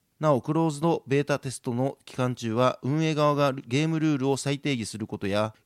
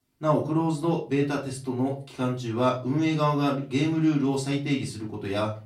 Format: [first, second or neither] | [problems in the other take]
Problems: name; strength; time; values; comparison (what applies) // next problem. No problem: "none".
first | off-mic speech; far // room echo; very slight; dies away in 0.3 s